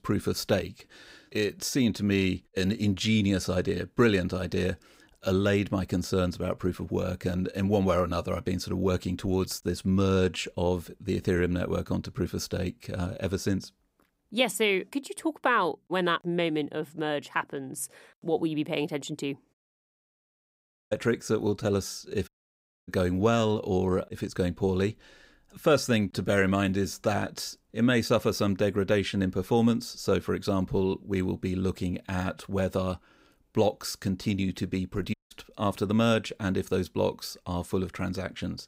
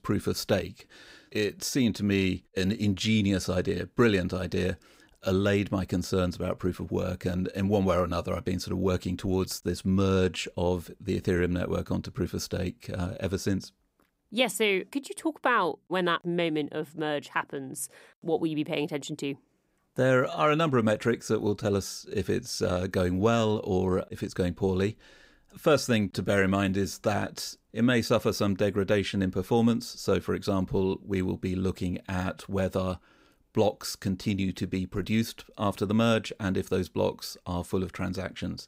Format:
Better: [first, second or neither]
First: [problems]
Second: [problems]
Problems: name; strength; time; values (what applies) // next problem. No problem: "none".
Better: second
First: audio cutting out; at 20 s for 1.5 s, at 22 s for 0.5 s and at 35 s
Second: none